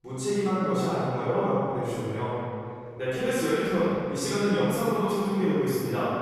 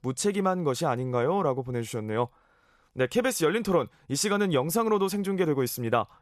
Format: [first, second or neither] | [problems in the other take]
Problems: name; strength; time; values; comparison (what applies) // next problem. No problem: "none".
second | off-mic speech; far // room echo; strong; dies away in 2.2 s